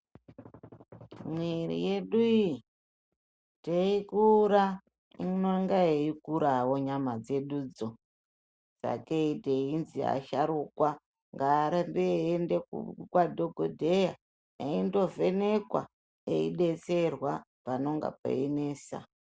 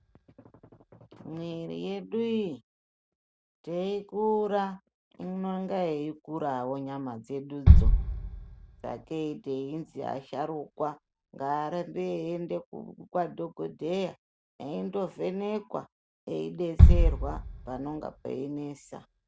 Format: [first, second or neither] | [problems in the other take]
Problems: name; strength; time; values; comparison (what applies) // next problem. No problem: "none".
first | background sound (Bass drum); 5 dB above the speech